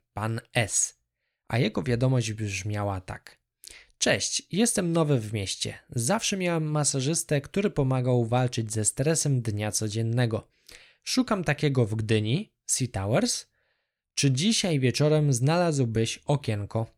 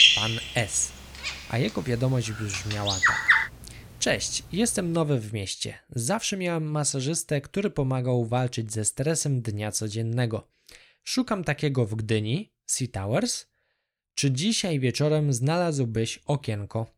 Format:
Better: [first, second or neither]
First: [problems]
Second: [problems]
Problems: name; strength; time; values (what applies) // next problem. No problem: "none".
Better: first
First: none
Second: animal sounds; very loud; until 5 s; 3 dB above the speech